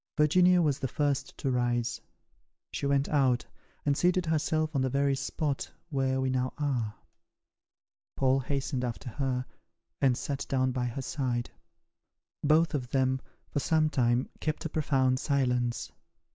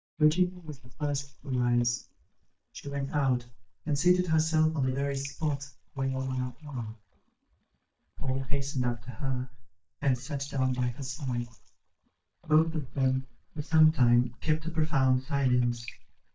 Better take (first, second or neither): first